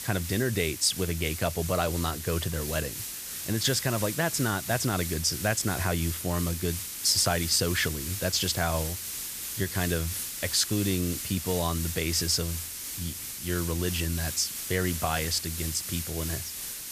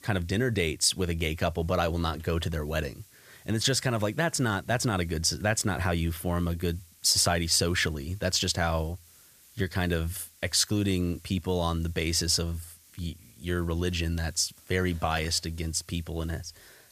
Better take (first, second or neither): second